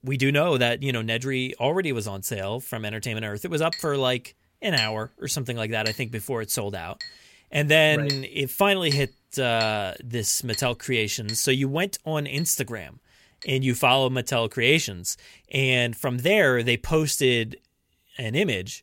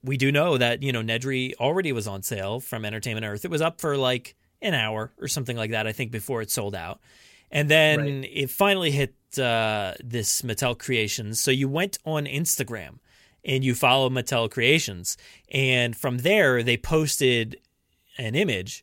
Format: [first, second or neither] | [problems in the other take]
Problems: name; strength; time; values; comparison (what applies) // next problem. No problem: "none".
second | clattering dishes; noticeable; from 3.5 to 13 s; peak 4 dB below the speech